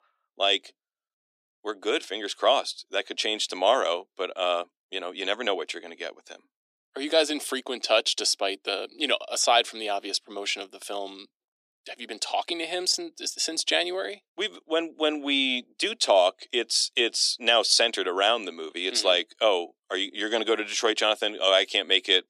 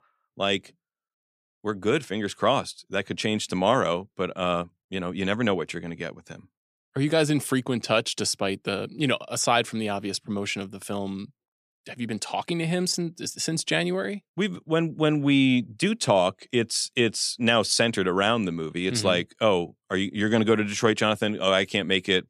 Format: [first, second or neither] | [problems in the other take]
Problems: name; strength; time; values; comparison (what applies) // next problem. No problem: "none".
second | thin; somewhat; fading below 300 Hz